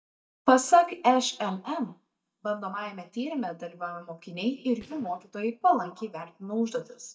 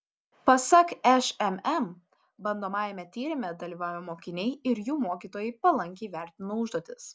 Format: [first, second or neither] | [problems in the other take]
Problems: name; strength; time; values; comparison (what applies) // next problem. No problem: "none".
second | noise reduction (neural mask model DeepFilterNet 3)